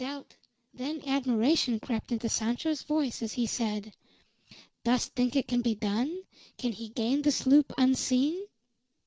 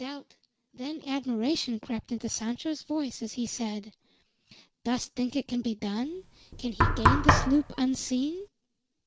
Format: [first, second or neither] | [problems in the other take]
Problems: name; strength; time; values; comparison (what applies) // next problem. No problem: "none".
first | background sound (Knock); 4 dB above the speech